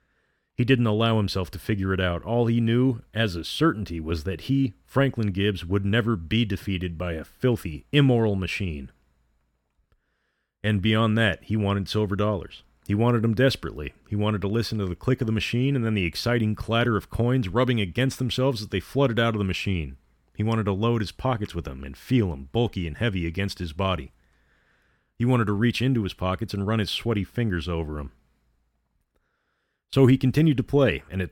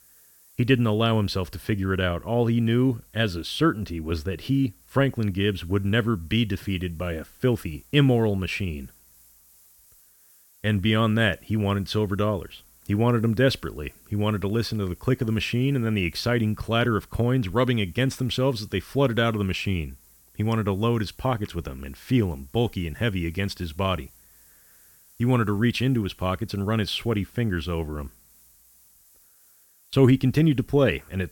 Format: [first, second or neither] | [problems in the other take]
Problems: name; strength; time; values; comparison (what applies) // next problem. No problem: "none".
first | hiss; faint; throughout; 30 dB below the speech